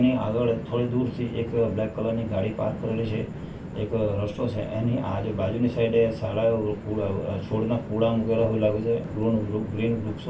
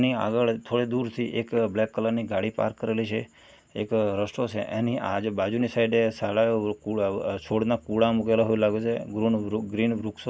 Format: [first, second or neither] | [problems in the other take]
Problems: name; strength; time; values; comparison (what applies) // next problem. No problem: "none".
second | background sound (Train); 10 dB below the speech // room echo; dies away in 0.2 s